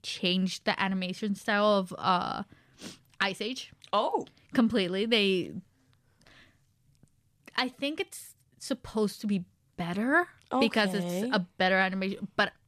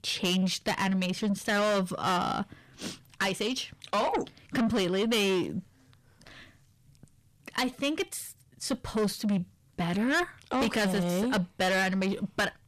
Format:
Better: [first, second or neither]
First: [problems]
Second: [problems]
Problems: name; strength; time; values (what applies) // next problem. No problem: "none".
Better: first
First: none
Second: distortion; heavy; 6 dB below the speech